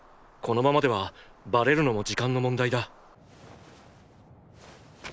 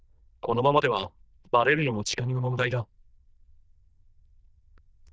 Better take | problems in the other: first | noise reduction (neural diffusion model UNIVERSE++)

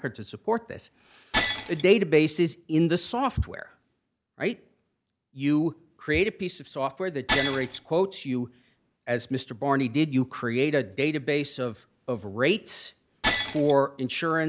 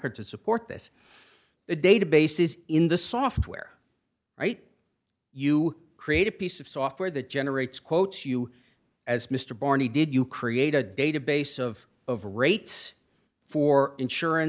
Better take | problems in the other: second | background sound (Shatter); 11 dB below the speech

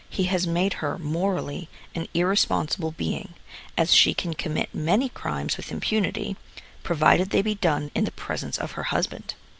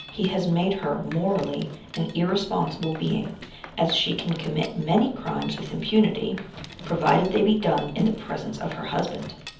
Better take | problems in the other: first | background sound (Mechanisms); 16 dB below the speech // room echo; dies away in 0.7 s

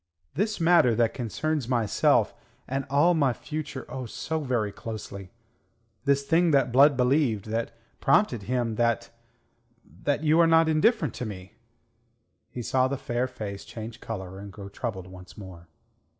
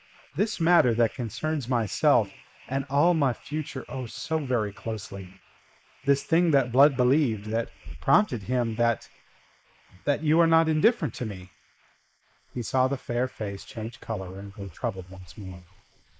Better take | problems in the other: first | noise reduction (neural mask model Resemble Enhance denoiser)

